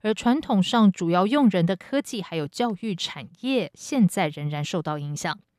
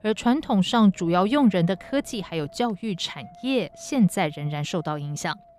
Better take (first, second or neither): first